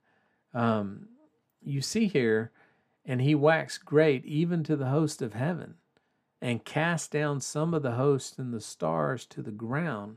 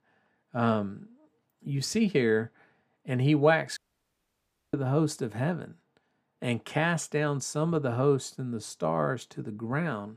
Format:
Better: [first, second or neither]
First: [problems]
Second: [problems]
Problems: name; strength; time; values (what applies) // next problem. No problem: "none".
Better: first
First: none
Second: audio cutting out; at 4 s for 1 s